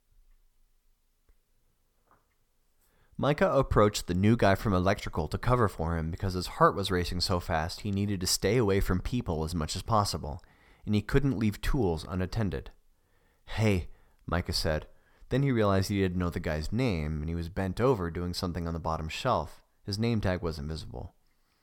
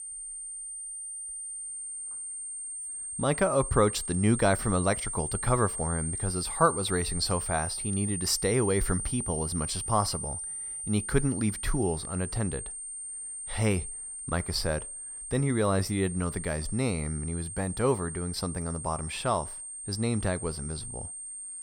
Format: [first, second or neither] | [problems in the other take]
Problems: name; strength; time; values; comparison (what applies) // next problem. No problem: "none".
first | high-pitched whine; loud; throughout; 8.5 kHz, 5 dB below the speech